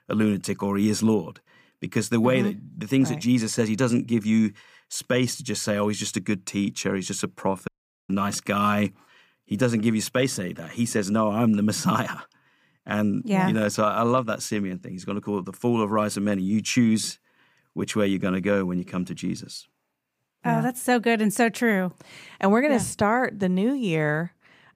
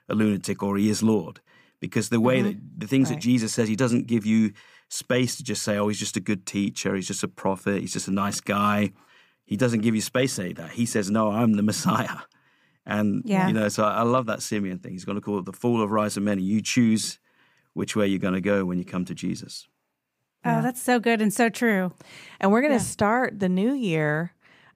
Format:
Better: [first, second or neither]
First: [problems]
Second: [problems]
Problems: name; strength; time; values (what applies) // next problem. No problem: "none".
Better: second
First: audio cutting out; at 7.5 s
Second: none